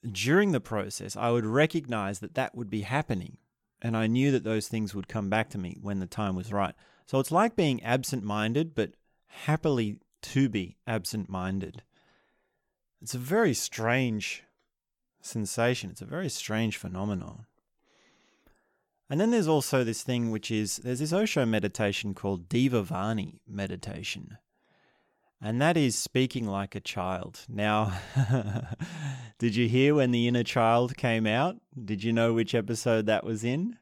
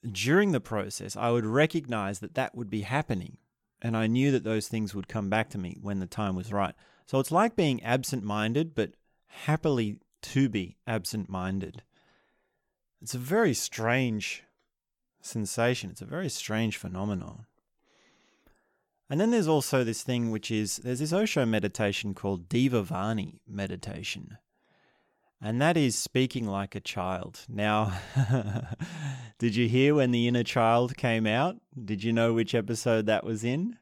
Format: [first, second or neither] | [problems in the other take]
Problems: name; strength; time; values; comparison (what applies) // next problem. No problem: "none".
neither | none